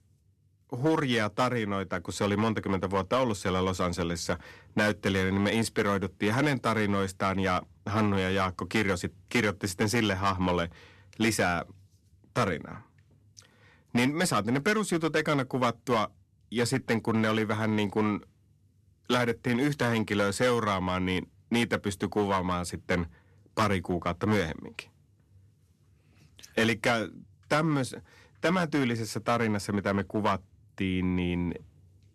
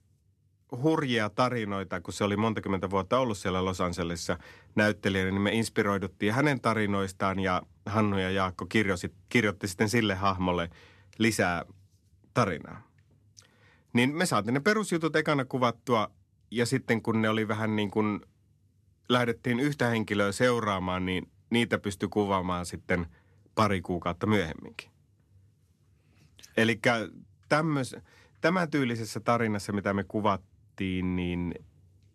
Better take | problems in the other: second | distortion; slight; 5% of the sound clipped

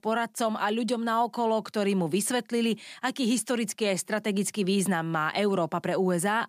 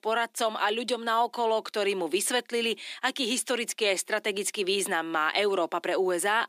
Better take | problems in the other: first | thin; somewhat; fading below 300 Hz

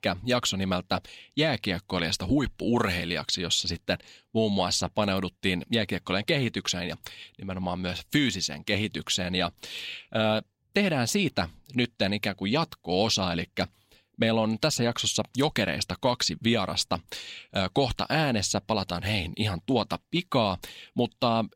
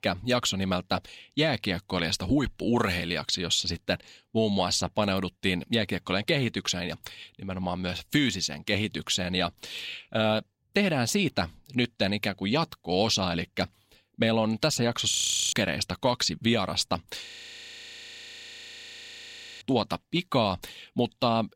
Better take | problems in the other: first | audio freezing; at 15 s and at 17 s for 2.5 s

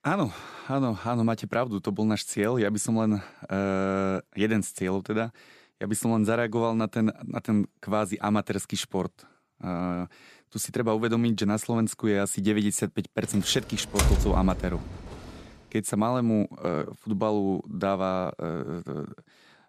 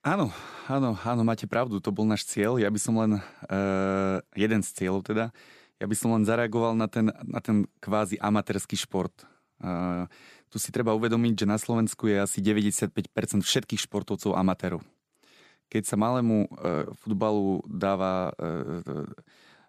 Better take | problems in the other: second | door banging; loud; from 14 to 15 s; peak 3 dB above the speech

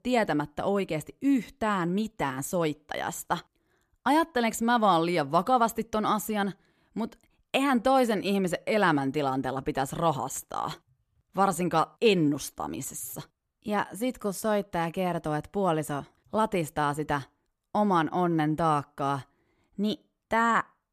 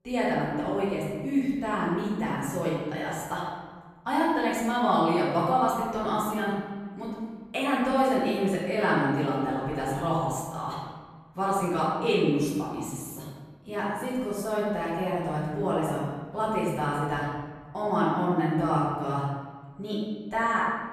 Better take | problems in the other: first | room echo; strong; dies away in 1.4 s // off-mic speech; far

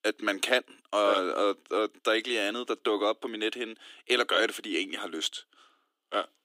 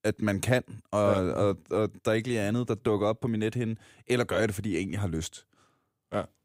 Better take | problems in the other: second | thin; somewhat; fading below 300 Hz

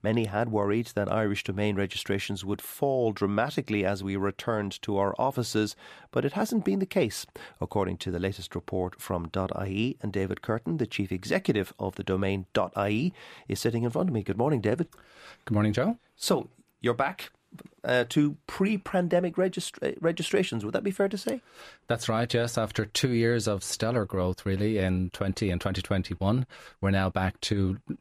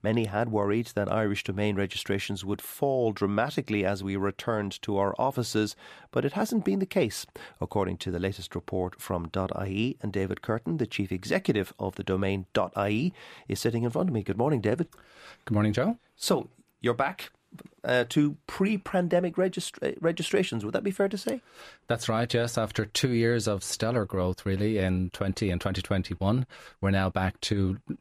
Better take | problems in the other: neither | none

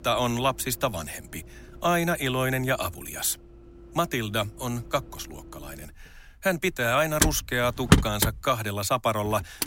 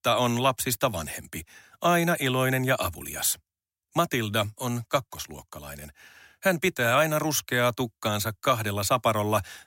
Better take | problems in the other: second | traffic noise; very loud; throughout; 2 dB above the speech

